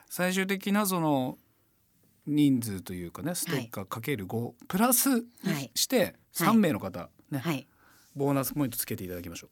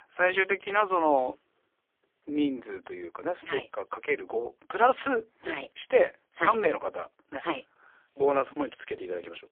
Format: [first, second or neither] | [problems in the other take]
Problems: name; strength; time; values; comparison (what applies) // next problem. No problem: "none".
first | phone-call audio; poor line; nothing above 3.5 kHz